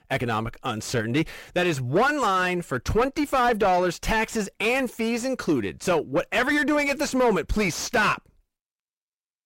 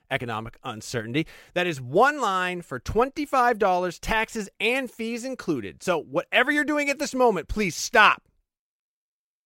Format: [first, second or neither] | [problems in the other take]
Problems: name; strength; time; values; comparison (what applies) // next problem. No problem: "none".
second | distortion; heavy; 6 dB below the speech